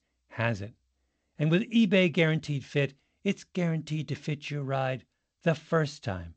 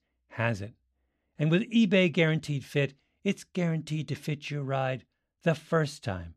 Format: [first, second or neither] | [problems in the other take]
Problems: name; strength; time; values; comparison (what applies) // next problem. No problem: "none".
second | garbled, watery; slightly; nothing above 8 kHz